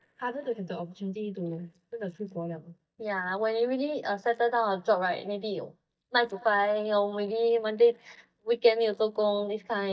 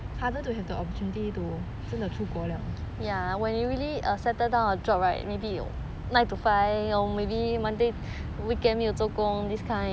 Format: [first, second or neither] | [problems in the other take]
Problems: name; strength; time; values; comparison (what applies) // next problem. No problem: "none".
second | noise reduction (neural mask model DeepFilterNet 3)